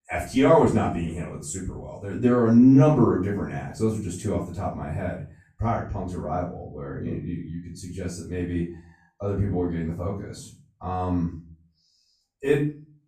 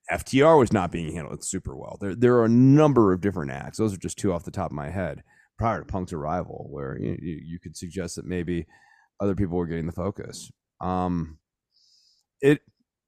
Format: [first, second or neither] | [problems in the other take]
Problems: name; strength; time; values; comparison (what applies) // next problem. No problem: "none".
second | room echo; noticeable; dies away in 0.4 s // off-mic speech; far